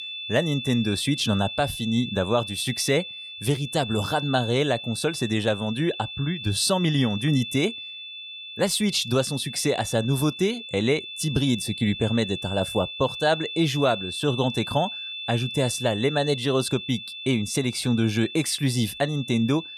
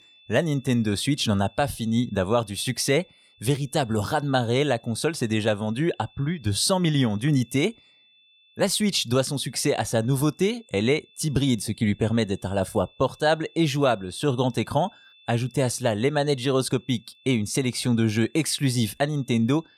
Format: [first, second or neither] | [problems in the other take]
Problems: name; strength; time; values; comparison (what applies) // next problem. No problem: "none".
second | high-pitched whine; loud; throughout; 3.5 kHz, 8 dB below the speech; faint in the second